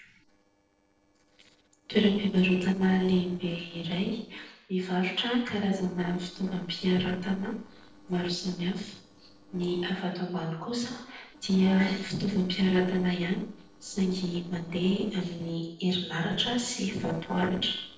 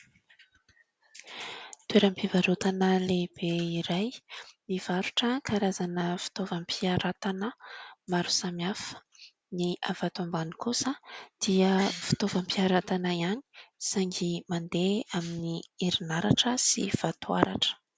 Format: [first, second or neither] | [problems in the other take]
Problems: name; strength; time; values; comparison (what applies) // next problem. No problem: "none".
second | noise reduction (neural separator model SepFormer DNS4)